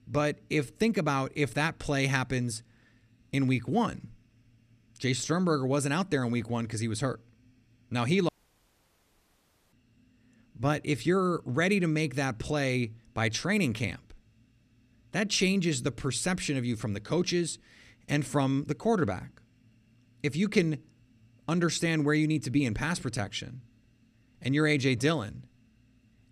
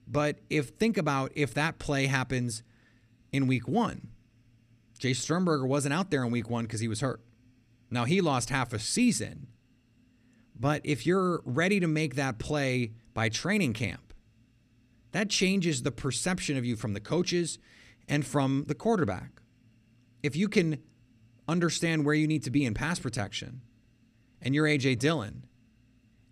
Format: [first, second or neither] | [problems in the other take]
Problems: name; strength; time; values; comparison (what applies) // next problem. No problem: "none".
second | audio cutting out; at 8.5 s for 1.5 s